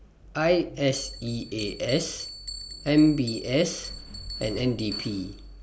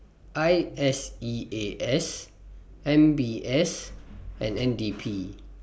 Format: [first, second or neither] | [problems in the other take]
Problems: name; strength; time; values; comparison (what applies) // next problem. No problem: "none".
second | background sound (Bell); 14 dB below the speech